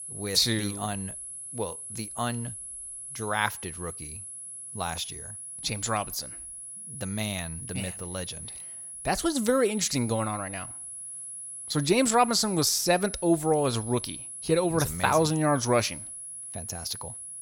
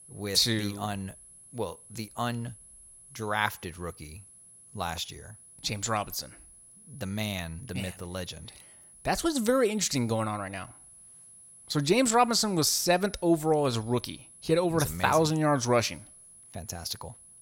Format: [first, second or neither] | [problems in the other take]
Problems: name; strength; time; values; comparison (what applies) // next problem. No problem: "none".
second | high-pitched whine; loud; throughout; 10.5 kHz, 10 dB below the speech; faint in the second